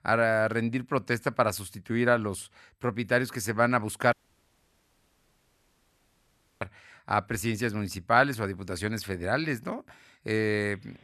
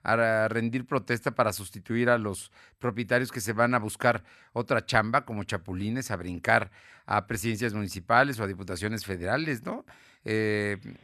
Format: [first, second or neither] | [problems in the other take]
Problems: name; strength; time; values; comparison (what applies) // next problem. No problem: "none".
second | audio cutting out; at 4 s for 2.5 s